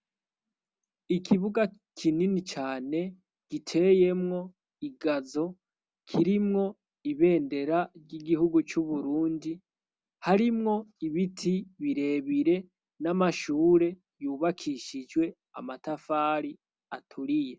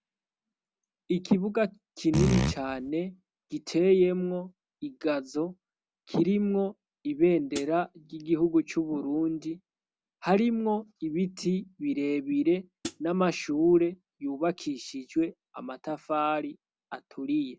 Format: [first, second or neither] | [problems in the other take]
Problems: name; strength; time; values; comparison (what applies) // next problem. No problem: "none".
first | background sound (Hi-hat + Fart); as loud as the speech